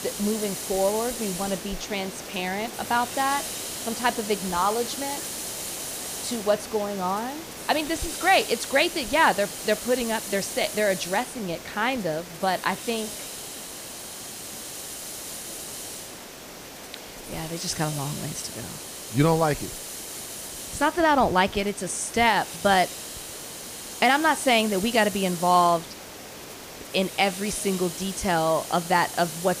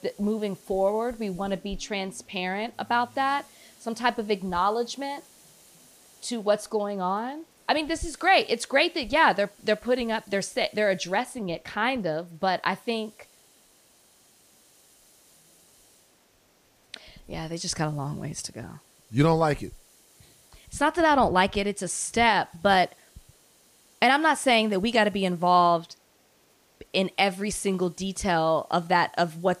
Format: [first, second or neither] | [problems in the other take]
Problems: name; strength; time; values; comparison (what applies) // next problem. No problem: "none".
second | hiss; loud; throughout; 9 dB below the speech; faint in the second